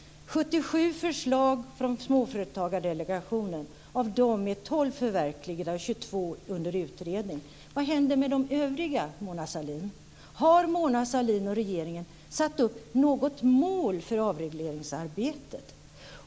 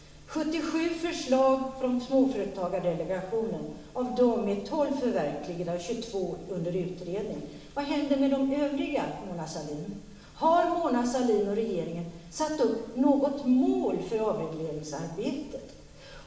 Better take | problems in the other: first | room echo; dies away in 0.9 s

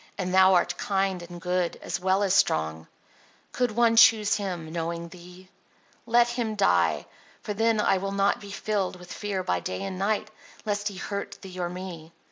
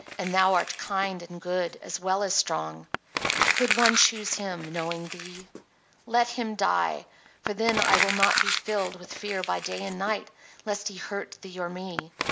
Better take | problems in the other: first | background sound (Crumpling, crinkling); 3 dB below the speech

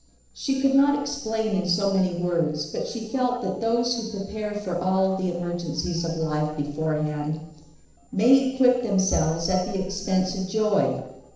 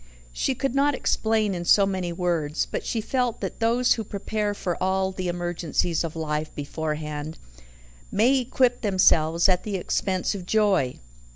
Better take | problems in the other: second | noise reduction (neural separator model SepFormer DNS4)

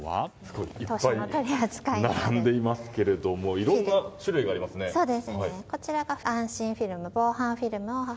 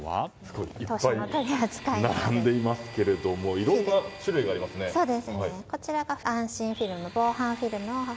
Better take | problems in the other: first | background sound (Domestic sounds, home sounds); 19 dB below the speech

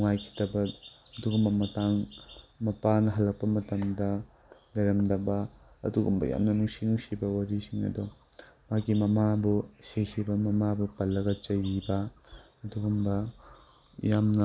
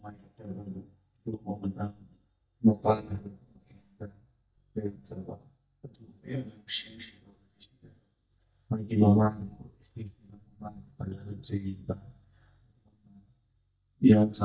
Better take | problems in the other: first | noise reduction (neural mask model DeepFilterNet 3)

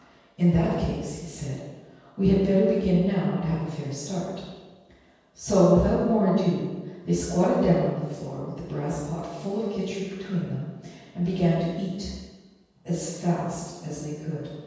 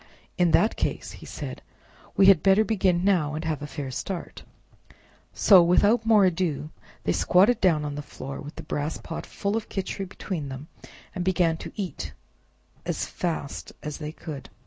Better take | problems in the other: second | room echo; dies away in 1.2 s

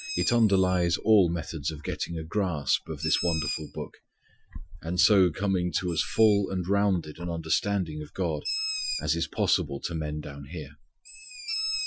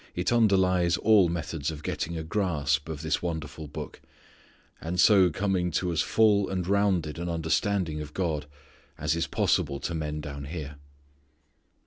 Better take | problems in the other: second | noise reduction (classical method Wiener filter)

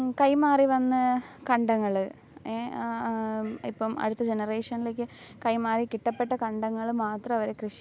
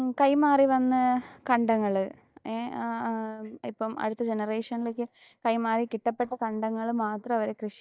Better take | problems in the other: first | noise reduction (neural mask model DeepFilterNet 3)

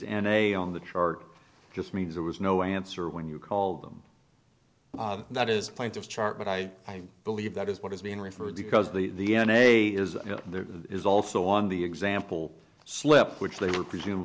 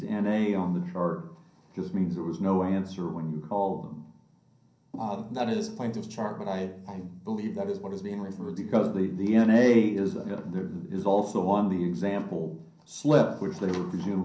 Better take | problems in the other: first | room echo; dies away in 0.6 s

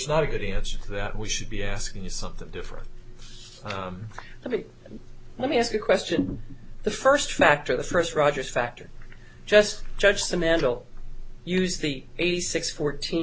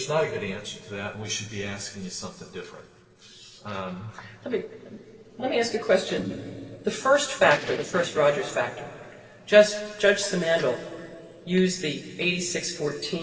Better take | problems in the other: first | noise reduction (neural separator model SepFormer DNS4)

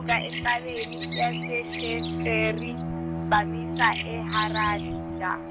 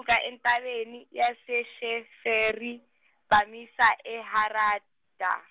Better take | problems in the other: second | background sound (Bowed string instrument + Bird vocalization, bird call, bird song); 2 dB below the speech

